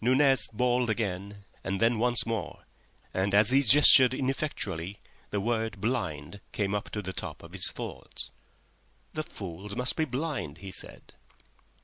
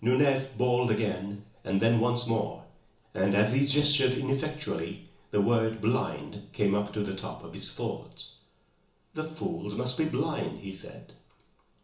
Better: first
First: none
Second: room echo; dies away in 0.8 s

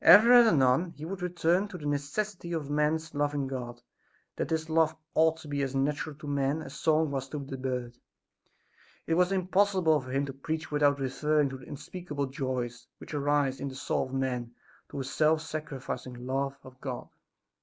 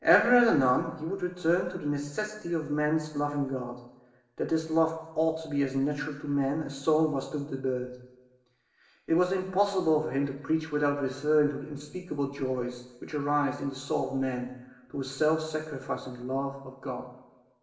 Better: first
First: none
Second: room echo; dies away in 0.9 s

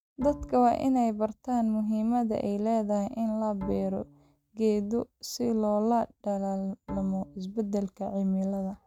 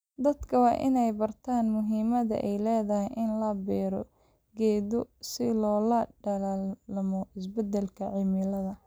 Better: second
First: noise reduction (neural mask model RNNoise)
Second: none

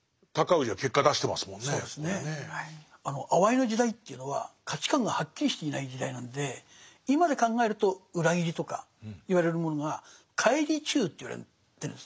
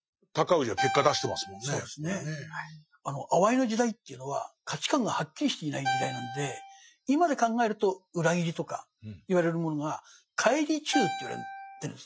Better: first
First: none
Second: noise reduction (classical method Wiener filter)

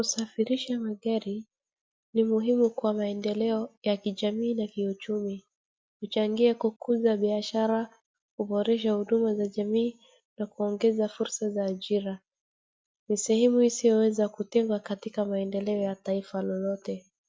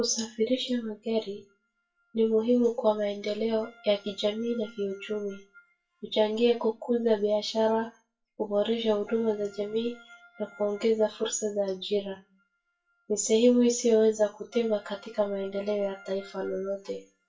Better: first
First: none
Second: noise reduction (classical method WPE with log-MMSE)

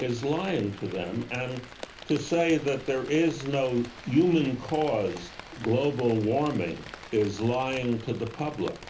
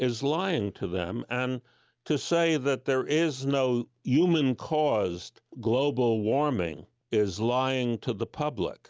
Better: second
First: background sound (Rain); 17 dB below the speech // room echo; dies away in 0.3 s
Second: none

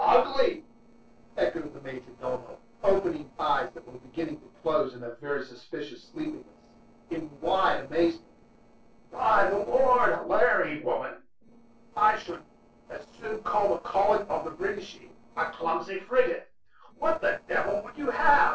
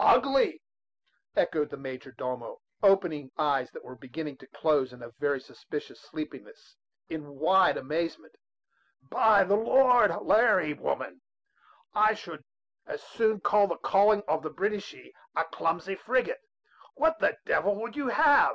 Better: second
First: noise reduction (neural separator model SepFormer DNS4)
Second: none

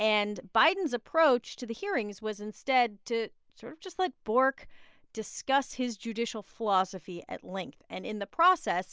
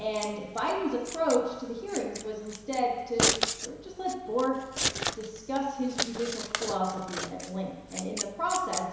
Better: first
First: none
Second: background sound (Scissors); 3 dB below the speech // room echo; dies away in 1 s

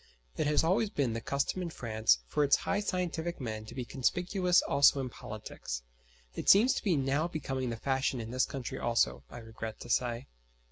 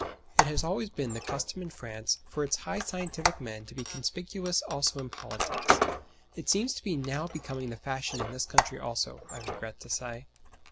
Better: first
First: none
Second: background sound (Squeak); as loud as the speech

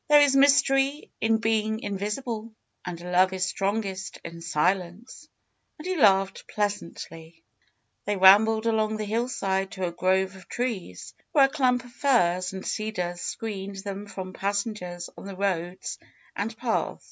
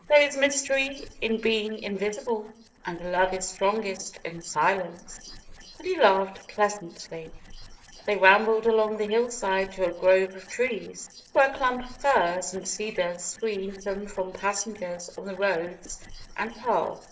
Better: first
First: none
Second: noise reduction (neural separator model SepFormer DNS4)

